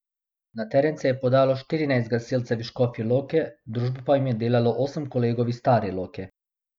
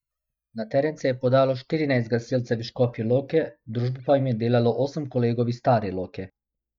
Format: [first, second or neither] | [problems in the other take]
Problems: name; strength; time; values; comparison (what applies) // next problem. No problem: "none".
first | noise reduction (neural mask model DeepFilterNet 3)